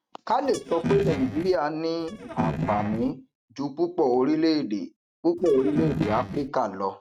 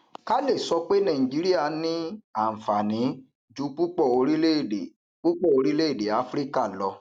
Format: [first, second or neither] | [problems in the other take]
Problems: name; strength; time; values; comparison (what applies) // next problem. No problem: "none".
second | noise reduction (neural mask model RNNoise)